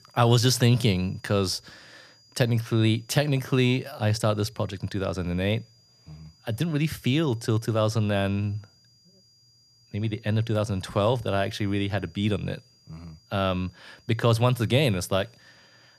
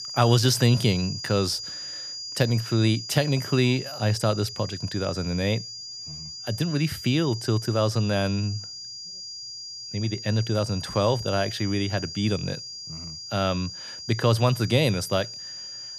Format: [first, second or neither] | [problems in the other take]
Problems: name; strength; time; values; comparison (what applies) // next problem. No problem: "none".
first | high-pitched whine; loud; throughout; 5 kHz, 9 dB below the speech; faint in the first